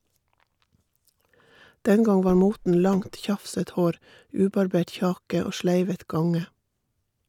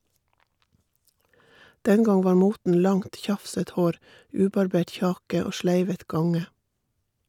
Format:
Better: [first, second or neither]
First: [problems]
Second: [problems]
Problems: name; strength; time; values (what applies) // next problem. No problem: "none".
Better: second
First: background sound (Car); 18 dB below the speech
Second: none